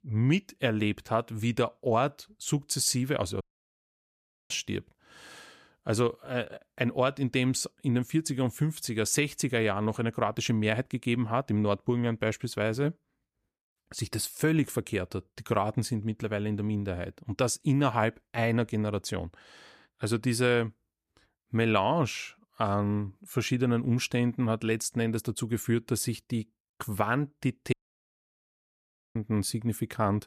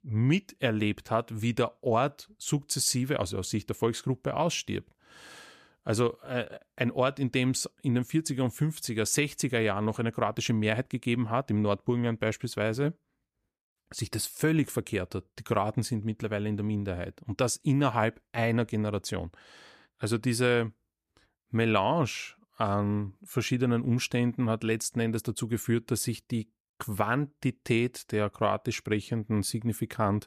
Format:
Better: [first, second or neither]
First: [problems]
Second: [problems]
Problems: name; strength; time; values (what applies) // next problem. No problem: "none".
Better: second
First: audio cutting out; at 3.5 s for 1 s and at 28 s for 1.5 s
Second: none